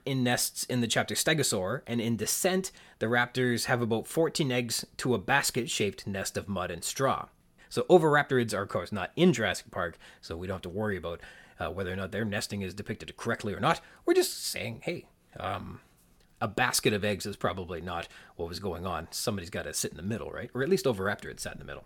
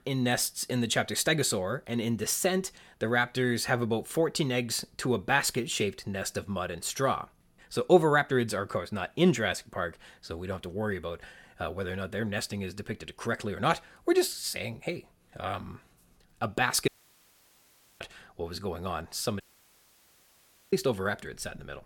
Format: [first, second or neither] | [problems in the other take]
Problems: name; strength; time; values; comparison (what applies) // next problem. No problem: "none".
first | audio cutting out; at 17 s for 1 s and at 19 s for 1.5 s